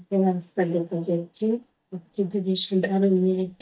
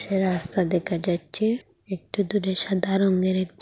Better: second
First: noise reduction (neural mask model DeepFilterNet 3)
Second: none

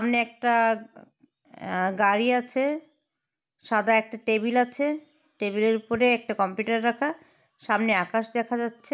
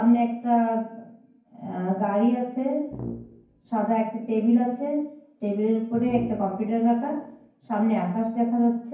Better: first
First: none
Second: background sound (Brass instrument); 14 dB below the speech // room echo; dies away in 0.9 s

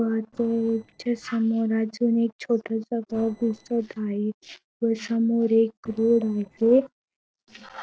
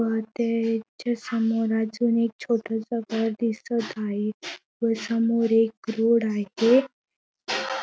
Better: second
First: noise reduction (neural separator model SepFormer DNS4)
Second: none

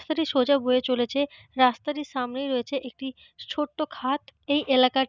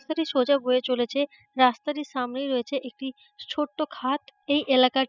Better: first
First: none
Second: noise reduction (classical method spectral subtraction)

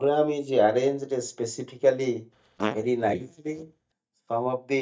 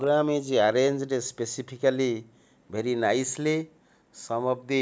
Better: second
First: noise reduction (neural mask model DeepFilterNet 3)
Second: none

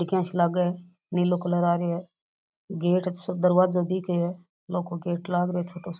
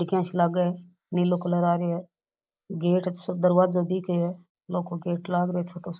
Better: first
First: none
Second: noise reduction (neural mask model Resemble Enhance denoiser)

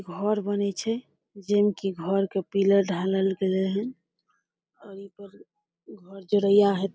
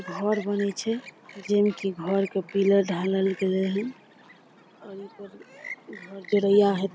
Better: first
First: none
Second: background sound (Chirp, tweet); 19 dB below the speech

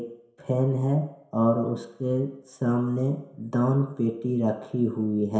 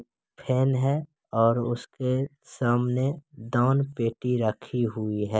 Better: second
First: room echo; dies away in 0.7 s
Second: none

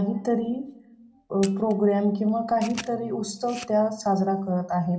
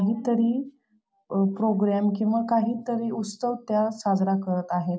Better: second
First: background sound (Camera); 19 dB below the speech // room echo; dies away in 0.5 s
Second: none

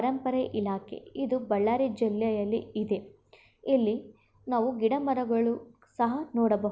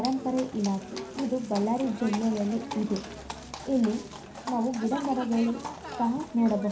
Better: first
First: none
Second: background sound (Livestock, farm animals, working animals); 11 dB below the speech // room echo; dies away in 0.3 s

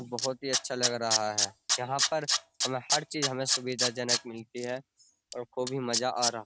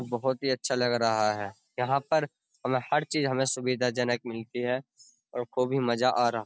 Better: second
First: background sound (Tools); 1 dB above the speech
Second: none

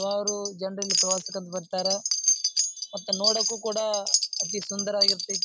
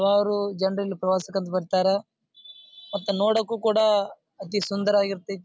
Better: second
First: background sound (Wind chime); 4 dB above the speech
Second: none

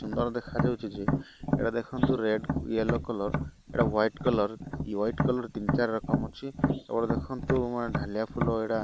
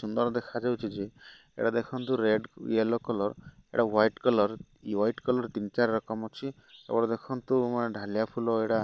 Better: second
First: background sound (Tap); 1 dB below the speech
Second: none

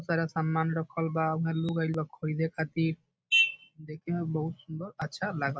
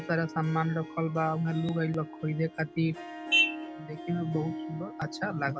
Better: first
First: none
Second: background sound (Harp); 11 dB below the speech

